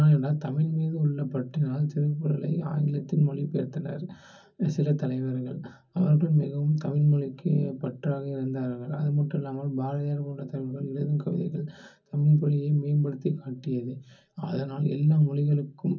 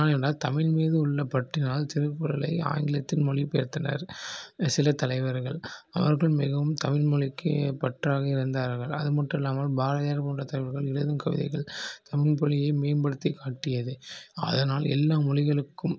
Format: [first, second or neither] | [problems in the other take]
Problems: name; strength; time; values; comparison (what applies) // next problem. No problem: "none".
second | room echo; dies away in 0.3 s